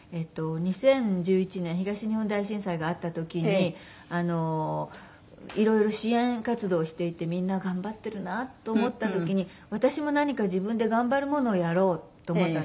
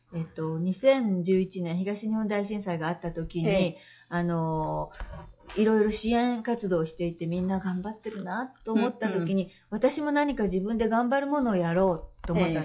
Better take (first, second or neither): first